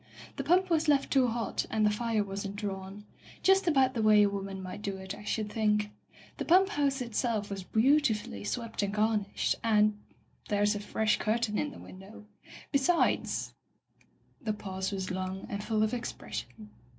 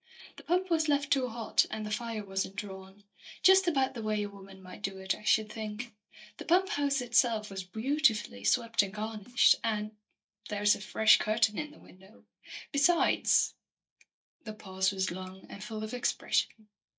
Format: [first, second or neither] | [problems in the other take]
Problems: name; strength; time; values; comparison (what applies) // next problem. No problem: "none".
first | noise reduction (neural mask model DeepFilterNet 3)